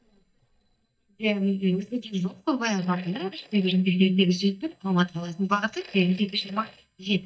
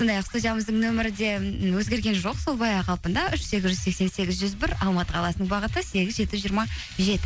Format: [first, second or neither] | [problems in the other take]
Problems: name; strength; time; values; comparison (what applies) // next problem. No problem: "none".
second | noise reduction (neural mask model DeepFilterNet 3)